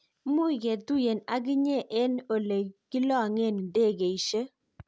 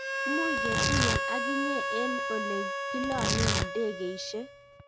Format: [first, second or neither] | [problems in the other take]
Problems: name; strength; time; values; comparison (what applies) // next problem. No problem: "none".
first | background sound (Tearing + Harmonica); 4 dB above the speech